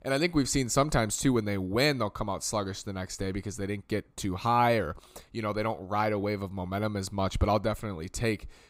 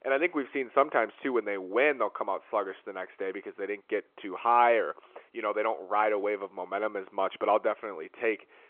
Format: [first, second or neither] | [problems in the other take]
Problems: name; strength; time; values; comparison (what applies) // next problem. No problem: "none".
first | phone-call audio